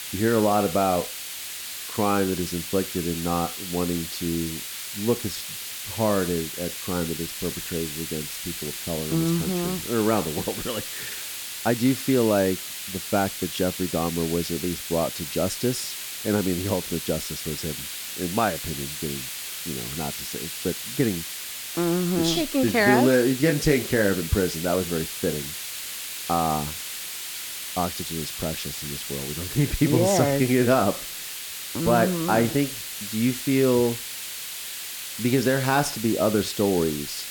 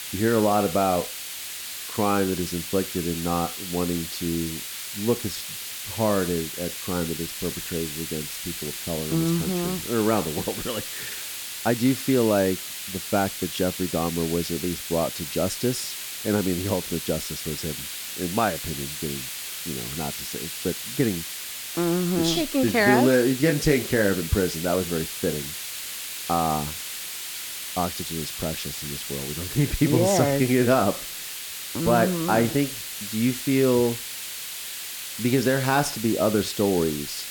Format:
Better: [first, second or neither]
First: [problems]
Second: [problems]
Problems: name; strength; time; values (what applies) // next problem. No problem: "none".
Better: neither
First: hiss; loud; throughout; 6 dB below the speech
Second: hiss; loud; throughout; 6 dB below the speech